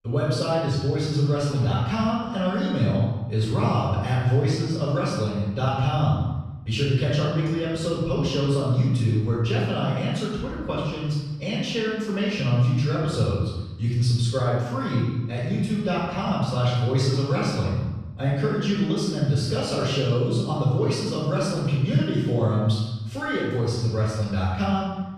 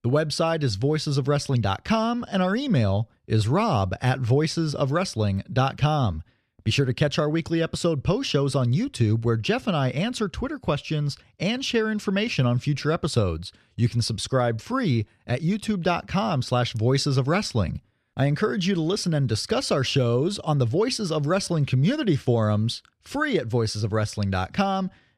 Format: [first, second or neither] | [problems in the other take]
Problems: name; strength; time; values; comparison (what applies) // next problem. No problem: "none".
second | off-mic speech; far // room echo; strong; dies away in 1 s